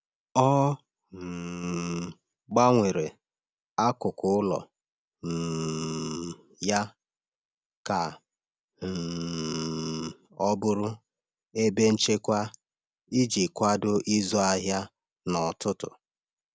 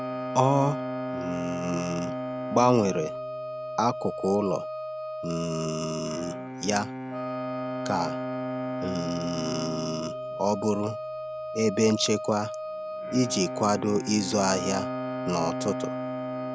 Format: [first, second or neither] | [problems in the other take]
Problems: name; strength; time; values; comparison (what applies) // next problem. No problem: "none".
first | background sound (Wind instrument, woodwind instrument + Bowed string instrument); 4 dB below the speech